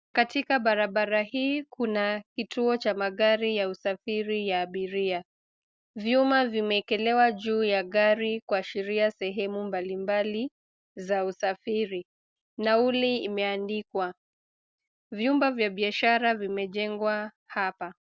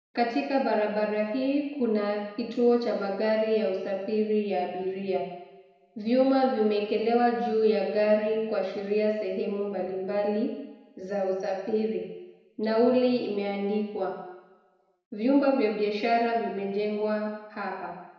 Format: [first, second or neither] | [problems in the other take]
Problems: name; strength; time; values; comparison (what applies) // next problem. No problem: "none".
first | room echo; dies away in 1 s